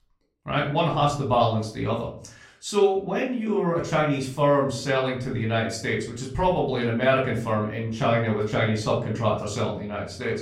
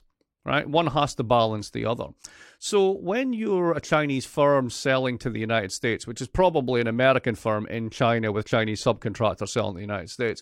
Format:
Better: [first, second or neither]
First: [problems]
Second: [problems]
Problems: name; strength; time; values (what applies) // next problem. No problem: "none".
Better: second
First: off-mic speech; far // room echo; slight; dies away in 0.4 s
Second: none